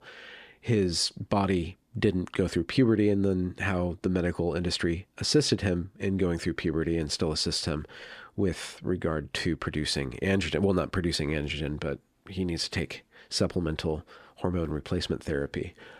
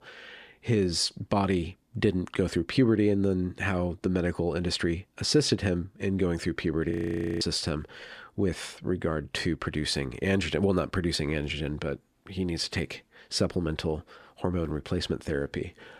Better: first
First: none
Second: audio freezing; at 7 s for 0.5 s

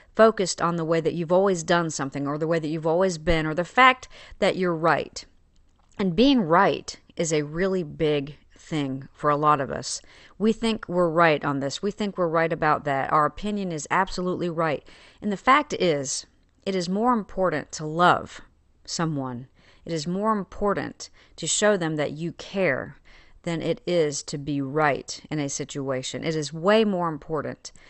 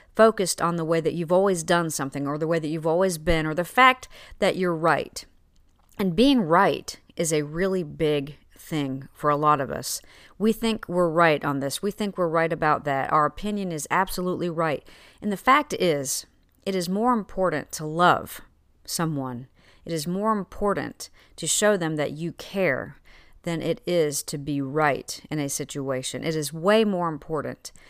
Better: second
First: garbled, watery; slightly; nothing above 8 kHz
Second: none

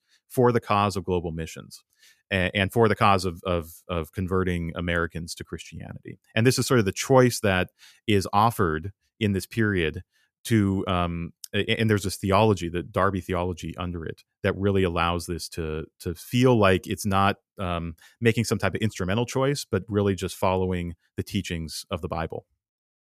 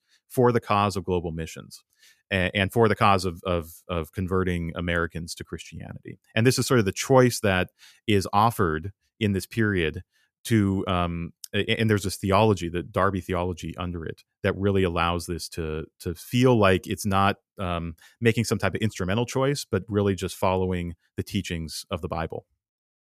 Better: neither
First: none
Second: none

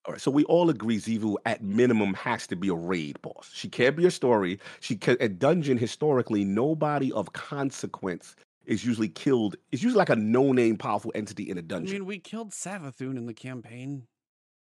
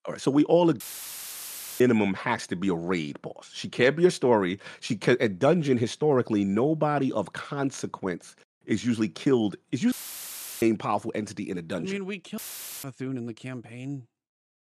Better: first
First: none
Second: audio cutting out; filled with static; at 1 s for 1 s, at 10 s for 0.5 s and at 12 s

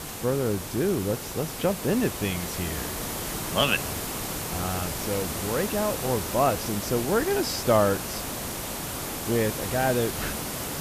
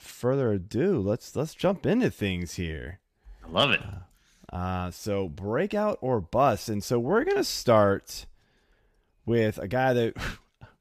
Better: second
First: hiss; loud; throughout; 4 dB below the speech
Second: none

